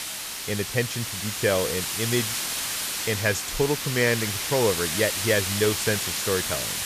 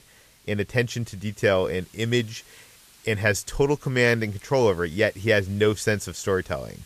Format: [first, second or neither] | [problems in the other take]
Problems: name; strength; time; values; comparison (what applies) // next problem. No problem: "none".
second | hiss; loud; throughout; 1 dB below the speech; faint in the second